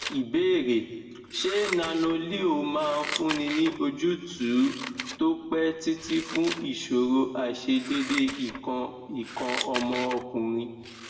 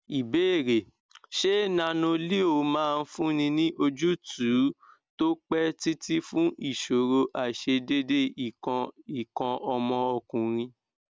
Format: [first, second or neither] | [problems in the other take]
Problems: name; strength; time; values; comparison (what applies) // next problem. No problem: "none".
second | background sound (Scissors); 11 dB below the speech // room echo; dies away in 1.6 s